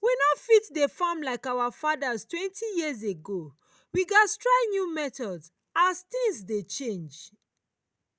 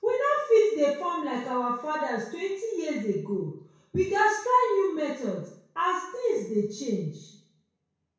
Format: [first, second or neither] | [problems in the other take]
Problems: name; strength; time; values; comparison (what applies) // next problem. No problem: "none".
first | room echo; dies away in 0.6 s